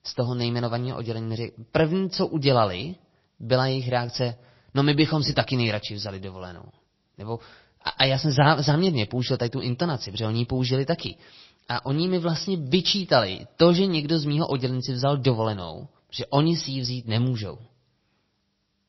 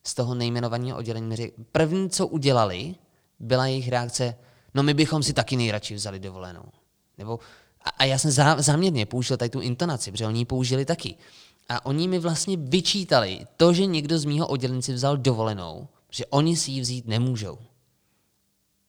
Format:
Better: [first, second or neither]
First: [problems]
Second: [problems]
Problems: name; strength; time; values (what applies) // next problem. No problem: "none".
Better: second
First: garbled, watery; slightly; nothing above 5.5 kHz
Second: none